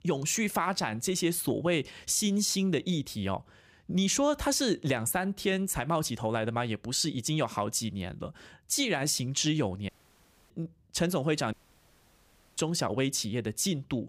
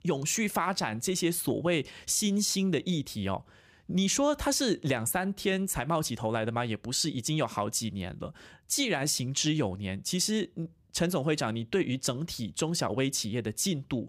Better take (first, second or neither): second